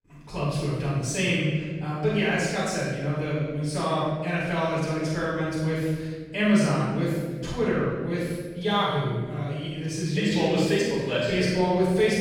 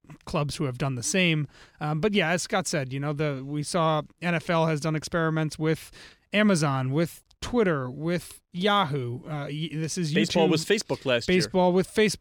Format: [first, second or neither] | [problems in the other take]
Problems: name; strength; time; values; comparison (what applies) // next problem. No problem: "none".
second | off-mic speech; far // room echo; strong; dies away in 1.5 s